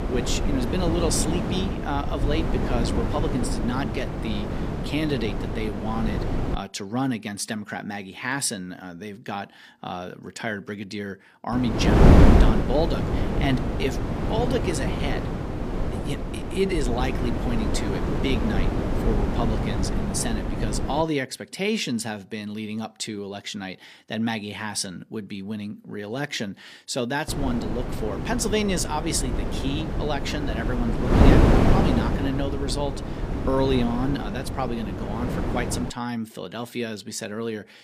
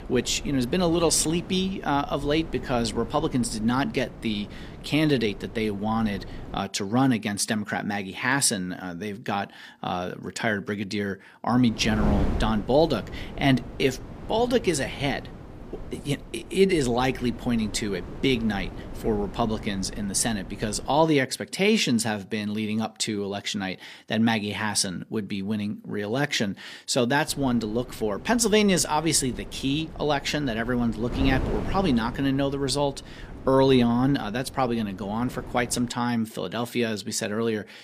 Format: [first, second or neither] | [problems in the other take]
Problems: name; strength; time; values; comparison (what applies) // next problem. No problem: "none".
second | wind noise on the microphone; heavy; until 6.5 s, from 12 to 21 s and from 27 to 36 s; as loud as the speech; occasional gusts in the second